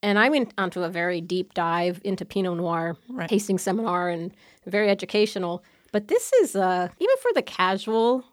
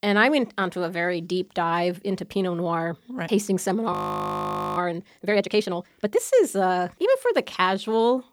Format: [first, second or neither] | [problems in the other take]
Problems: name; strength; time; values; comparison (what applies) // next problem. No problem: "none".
first | audio freezing; at 4 s for 1 s